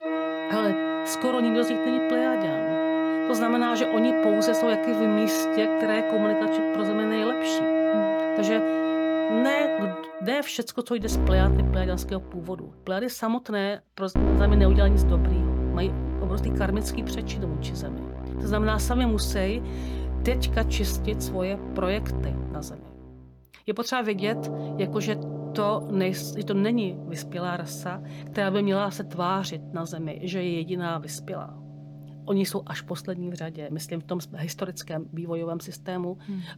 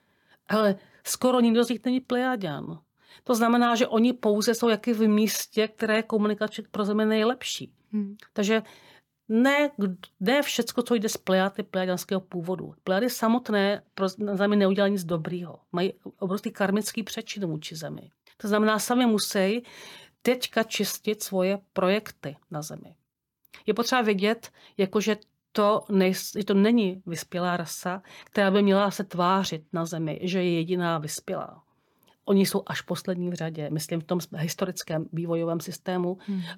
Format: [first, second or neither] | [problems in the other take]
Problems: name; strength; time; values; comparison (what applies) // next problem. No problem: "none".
second | background music; very loud; throughout; 2 dB above the speech